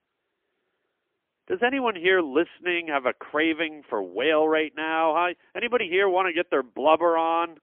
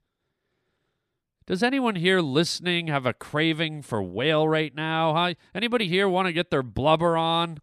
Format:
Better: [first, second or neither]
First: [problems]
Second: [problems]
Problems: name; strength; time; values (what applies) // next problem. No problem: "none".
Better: second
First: phone-call audio; poor line; nothing above 3.5 kHz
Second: none